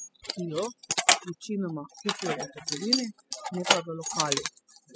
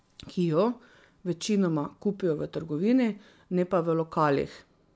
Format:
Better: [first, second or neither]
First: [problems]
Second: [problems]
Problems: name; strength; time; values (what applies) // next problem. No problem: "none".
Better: second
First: noise reduction (classical method spectral subtraction)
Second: none